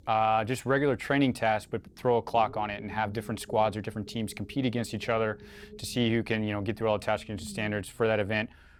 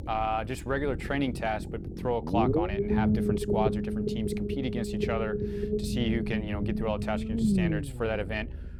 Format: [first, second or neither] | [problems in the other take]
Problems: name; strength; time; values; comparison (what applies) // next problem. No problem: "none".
first | low rumble; loud; throughout; 2 dB below the speech; faint in the first